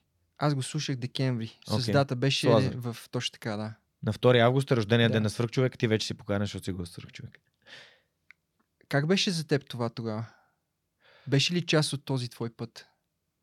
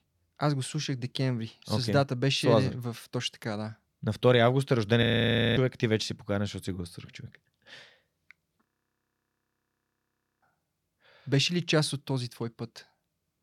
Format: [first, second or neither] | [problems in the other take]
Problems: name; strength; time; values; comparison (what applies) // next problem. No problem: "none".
first | audio freezing; at 5 s for 0.5 s and at 8.5 s for 2 s